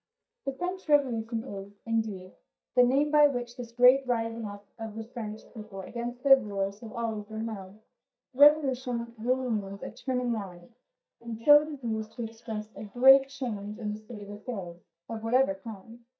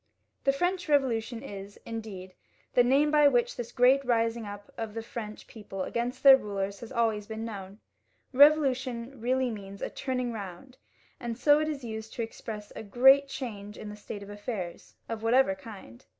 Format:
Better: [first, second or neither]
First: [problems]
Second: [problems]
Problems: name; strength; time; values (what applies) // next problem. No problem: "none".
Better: second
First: noise reduction (neural mask model DeepFilterNet 3)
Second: none